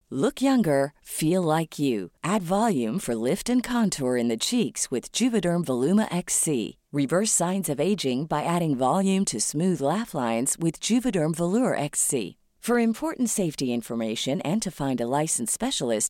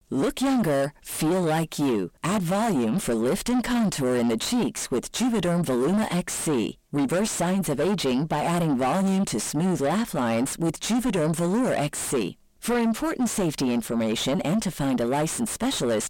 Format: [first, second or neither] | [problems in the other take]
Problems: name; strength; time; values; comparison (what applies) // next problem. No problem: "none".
first | distortion; heavy; 5 dB below the speech